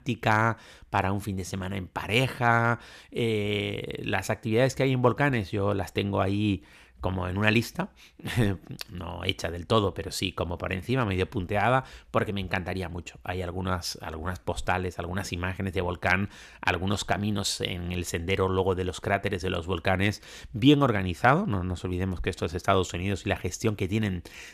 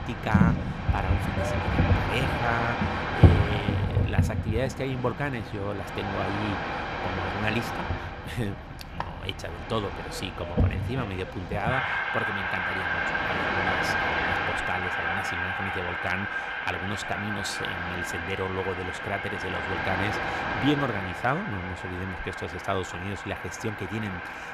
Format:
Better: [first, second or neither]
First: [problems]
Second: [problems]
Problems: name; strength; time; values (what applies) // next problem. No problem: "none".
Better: first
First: none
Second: train or aircraft noise; very loud; throughout; 4 dB above the speech